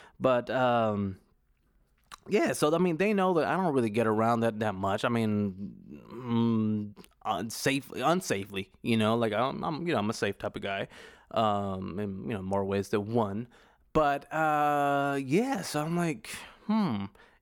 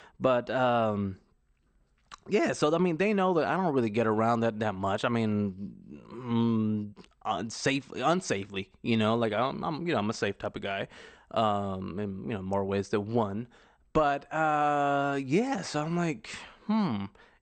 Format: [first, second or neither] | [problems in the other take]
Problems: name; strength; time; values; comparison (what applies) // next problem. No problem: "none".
first | garbled, watery; slightly; nothing above 8.5 kHz